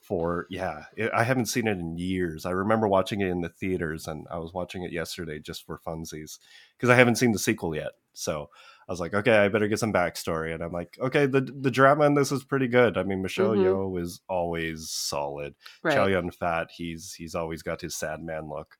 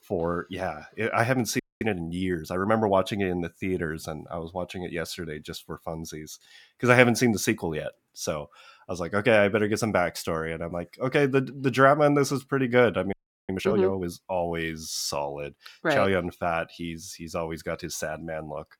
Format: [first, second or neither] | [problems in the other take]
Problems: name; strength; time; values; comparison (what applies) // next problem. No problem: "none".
first | audio freezing; at 1.5 s and at 13 s